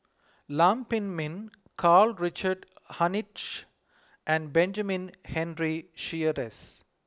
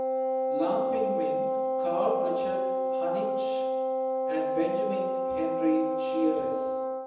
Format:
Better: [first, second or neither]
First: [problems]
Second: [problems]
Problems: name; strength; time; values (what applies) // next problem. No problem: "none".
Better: first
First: none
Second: background sound (Wind instrument, woodwind instrument); 5 dB above the speech // room echo; dies away in 1.1 s